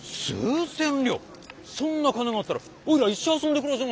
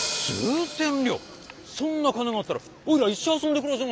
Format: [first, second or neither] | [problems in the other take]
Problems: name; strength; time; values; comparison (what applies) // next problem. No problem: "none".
first | background sound (Hi-hat); 12 dB below the speech